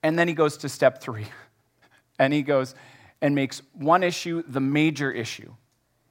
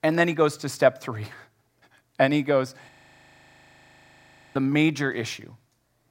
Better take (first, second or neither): first